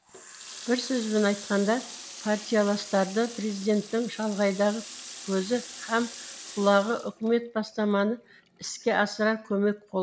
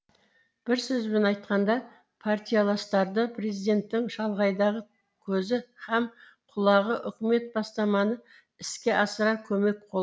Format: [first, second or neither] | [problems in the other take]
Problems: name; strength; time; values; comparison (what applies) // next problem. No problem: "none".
second | background sound (Water tap, faucet); 16 dB below the speech